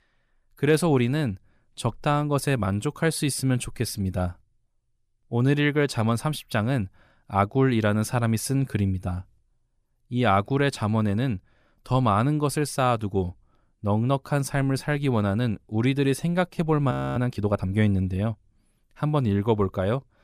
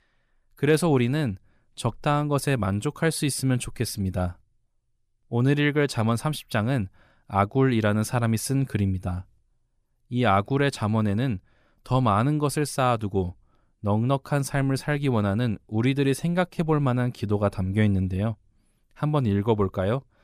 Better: second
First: audio freezing; at 17 s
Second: none

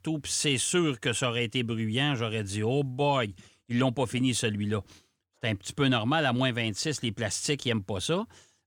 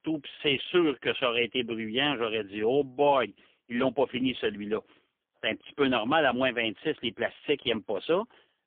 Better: first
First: none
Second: phone-call audio; poor line; nothing above 3.5 kHz

